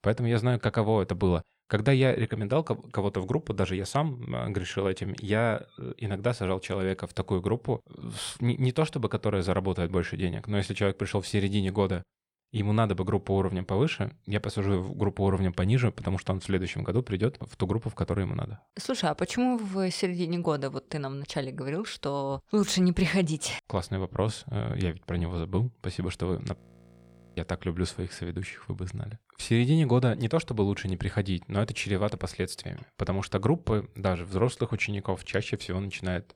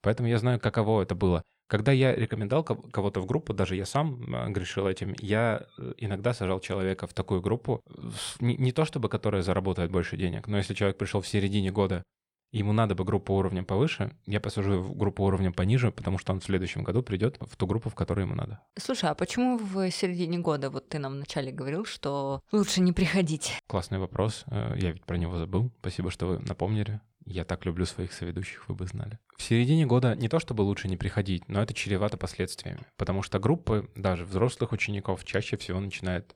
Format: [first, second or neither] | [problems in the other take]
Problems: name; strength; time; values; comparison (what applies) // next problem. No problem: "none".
second | audio freezing; at 27 s for 1 s